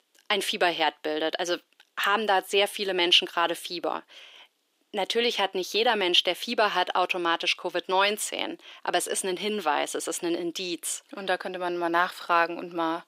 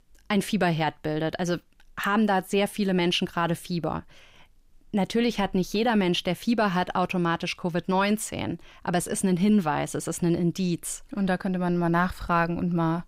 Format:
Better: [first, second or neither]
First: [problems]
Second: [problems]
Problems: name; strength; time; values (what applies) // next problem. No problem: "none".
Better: second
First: thin; very; fading below 350 Hz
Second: none